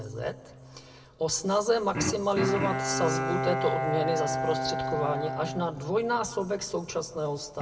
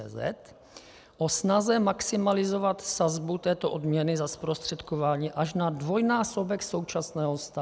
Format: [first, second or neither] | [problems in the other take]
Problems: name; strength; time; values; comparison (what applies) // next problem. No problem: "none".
second | background sound (Bowed string instrument); 3 dB below the speech // room echo; dies away in 1.3 s